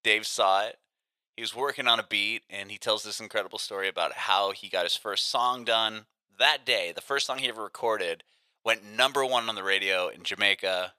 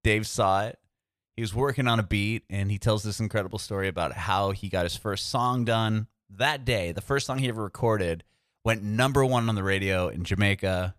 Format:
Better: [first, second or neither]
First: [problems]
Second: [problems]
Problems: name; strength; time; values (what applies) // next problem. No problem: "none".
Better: second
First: thin; very; fading below 600 Hz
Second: none